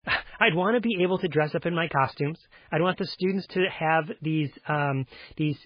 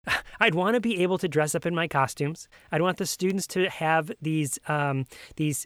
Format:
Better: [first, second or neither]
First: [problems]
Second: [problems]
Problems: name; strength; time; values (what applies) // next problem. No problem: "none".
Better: second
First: garbled, watery; badly; nothing above 5 kHz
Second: none